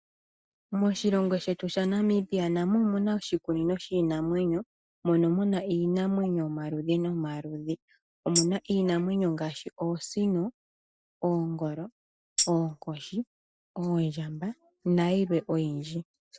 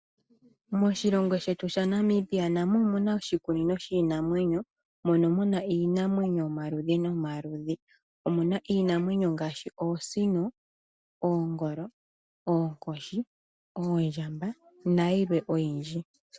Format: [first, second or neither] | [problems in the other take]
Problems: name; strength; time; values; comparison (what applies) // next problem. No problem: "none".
second | noise reduction (neural mask model DeepFilterNet 3)